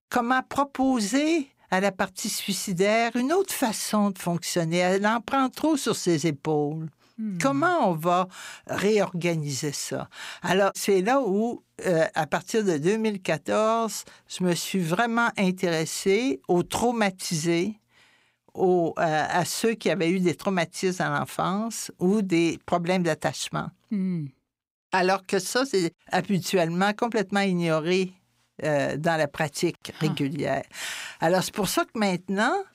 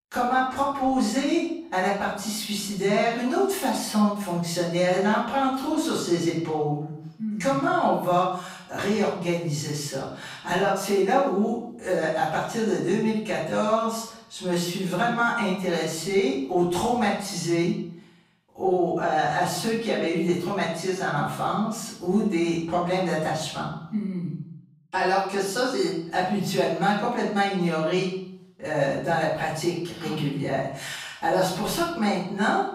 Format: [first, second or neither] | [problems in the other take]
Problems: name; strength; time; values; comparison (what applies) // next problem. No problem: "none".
first | room echo; noticeable; dies away in 0.6 s // off-mic speech; far